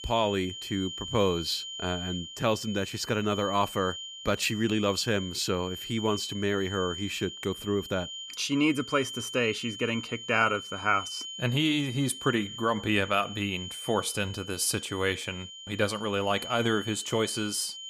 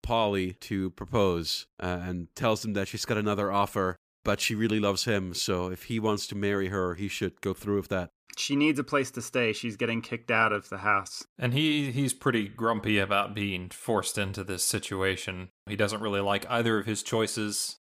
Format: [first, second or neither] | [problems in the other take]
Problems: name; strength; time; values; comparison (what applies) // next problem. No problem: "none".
second | high-pitched whine; loud; throughout; 3 kHz, 9 dB below the speech